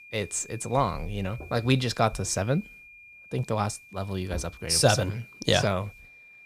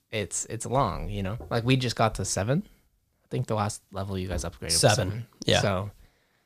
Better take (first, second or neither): second